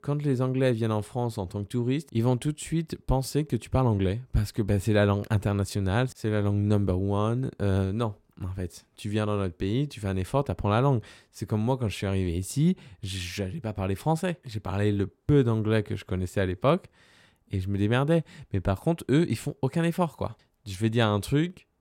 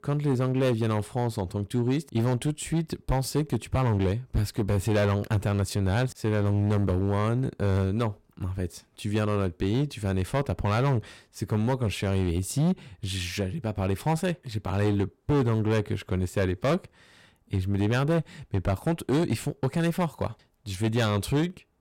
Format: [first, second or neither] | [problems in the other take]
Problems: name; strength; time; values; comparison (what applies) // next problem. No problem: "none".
first | distortion; slight; 12% of the sound clipped